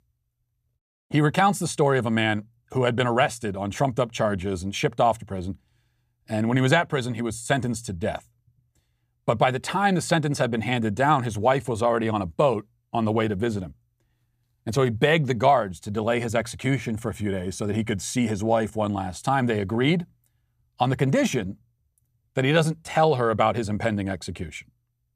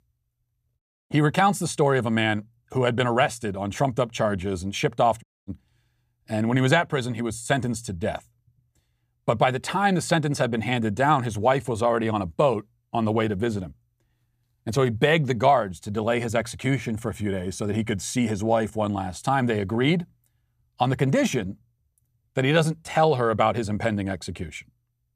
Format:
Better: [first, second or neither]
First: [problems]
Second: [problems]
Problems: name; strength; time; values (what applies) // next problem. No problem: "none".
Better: first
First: none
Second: audio cutting out; at 5 s